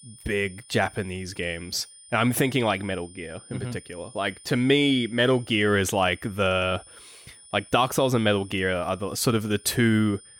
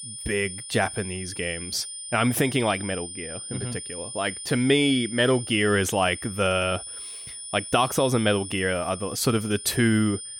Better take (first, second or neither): first